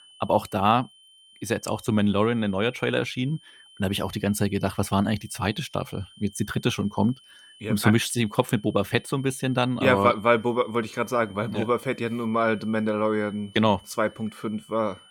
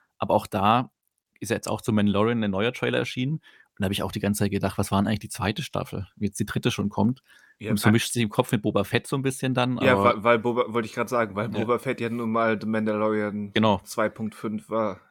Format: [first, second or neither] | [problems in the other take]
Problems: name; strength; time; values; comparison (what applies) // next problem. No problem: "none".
second | high-pitched whine; faint; throughout; 3 kHz, 25 dB below the speech